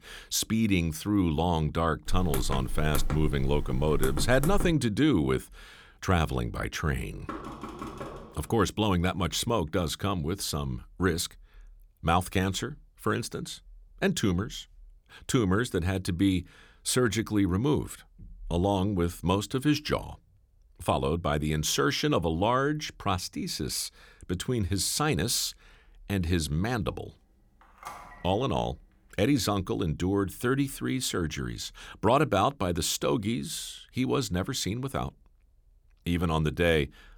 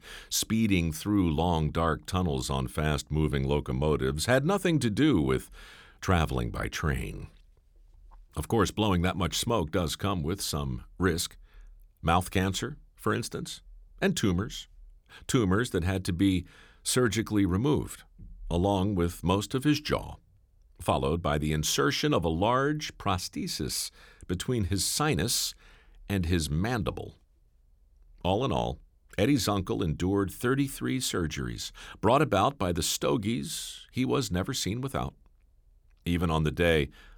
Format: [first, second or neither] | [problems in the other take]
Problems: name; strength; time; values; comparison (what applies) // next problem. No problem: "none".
second | keyboard typing; noticeable; from 2 to 4.5 s; peak 6 dB below the speech // door banging; faint; from 7.5 to 8.5 s; peak 10 dB below the speech // phone ringing; faint; at 28 s; peak 15 dB below the speech